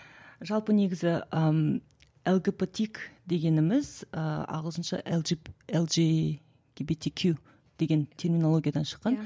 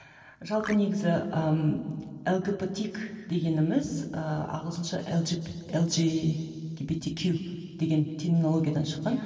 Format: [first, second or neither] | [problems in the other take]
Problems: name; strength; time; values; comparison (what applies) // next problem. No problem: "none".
first | noise reduction (neural separator model SepFormer DNS4)